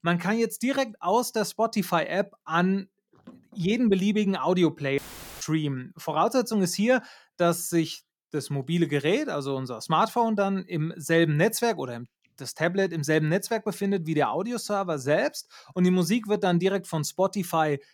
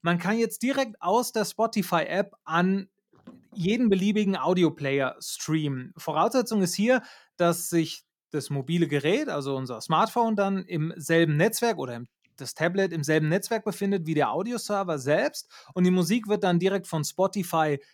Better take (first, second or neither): second